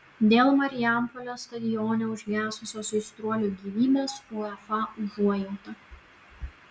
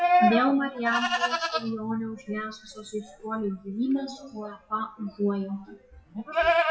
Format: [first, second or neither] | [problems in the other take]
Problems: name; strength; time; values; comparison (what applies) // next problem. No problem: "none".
first | noise reduction (classical method WPE with log-MMSE)